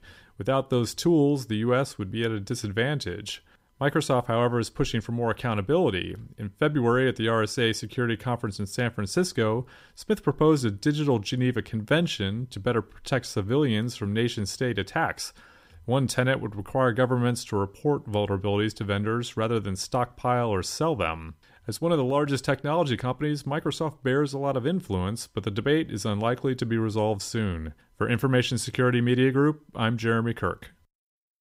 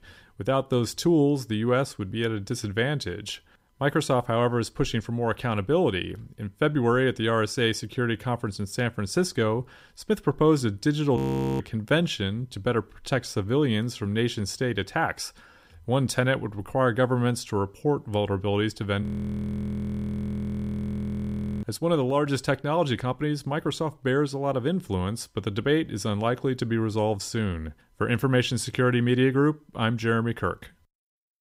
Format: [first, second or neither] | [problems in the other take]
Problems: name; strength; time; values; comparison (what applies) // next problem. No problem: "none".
first | audio freezing; at 11 s and at 19 s for 2.5 s